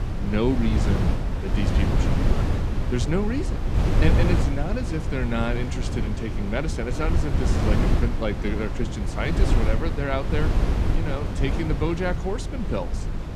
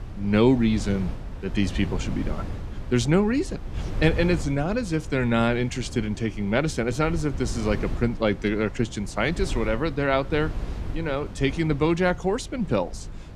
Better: second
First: wind noise on the microphone; heavy; 3 dB below the speech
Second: wind noise on the microphone; occasional gusts; 15 dB below the speech

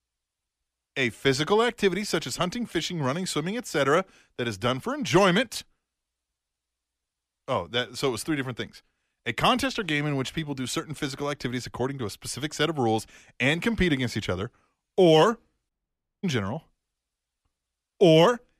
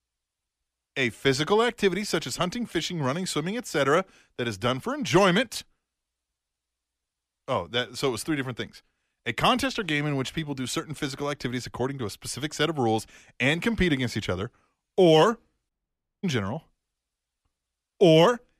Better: neither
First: audio cutting out; at 16 s for 0.5 s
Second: audio cutting out; at 16 s for 0.5 s

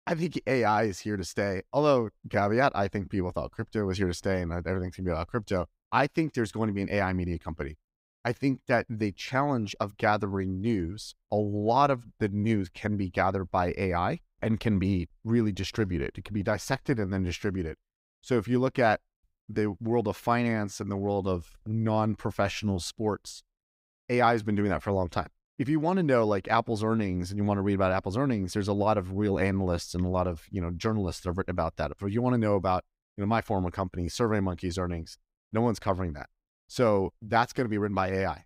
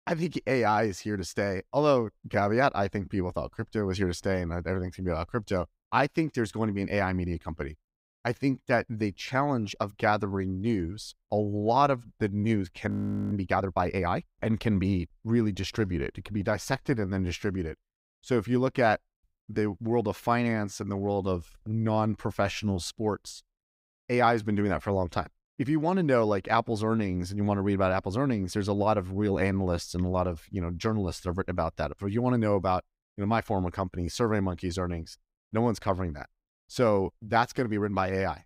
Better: first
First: none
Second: audio freezing; at 13 s

